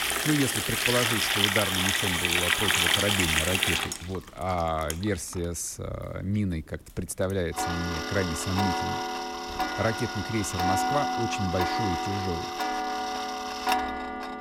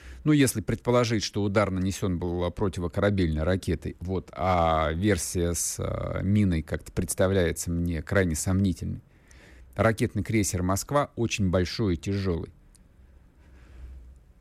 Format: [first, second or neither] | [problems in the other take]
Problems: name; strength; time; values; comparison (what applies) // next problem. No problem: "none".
second | household noises; very loud; throughout; 4 dB above the speech